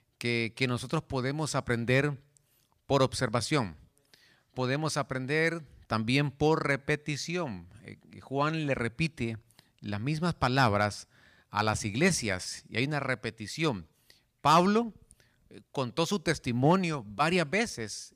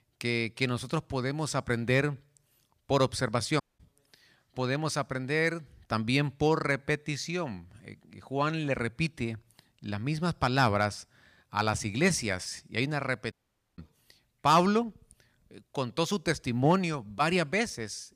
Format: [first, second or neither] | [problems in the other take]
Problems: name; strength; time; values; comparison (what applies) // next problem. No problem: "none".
first | audio cutting out; at 3.5 s and at 13 s